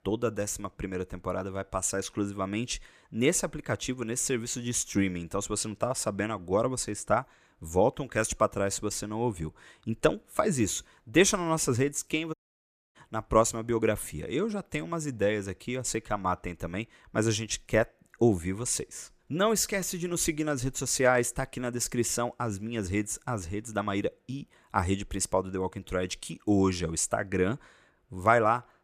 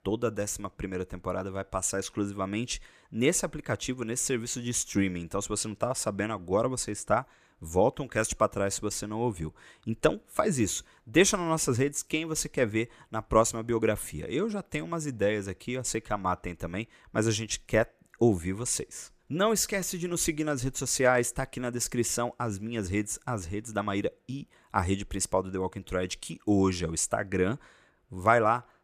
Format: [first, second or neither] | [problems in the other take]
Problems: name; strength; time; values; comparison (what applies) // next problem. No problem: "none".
second | audio cutting out; at 12 s for 0.5 s